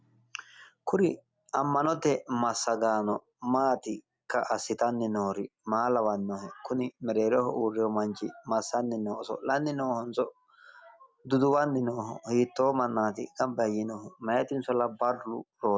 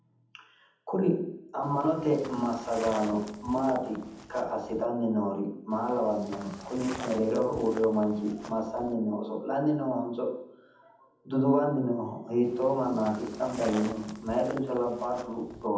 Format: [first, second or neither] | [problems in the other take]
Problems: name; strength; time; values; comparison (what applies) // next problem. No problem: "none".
first | background sound (Walk, footsteps); 14 dB below the speech // room echo; dies away in 0.8 s